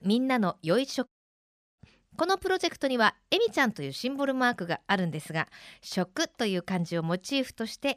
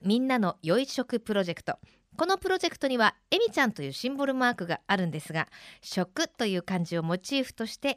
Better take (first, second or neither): second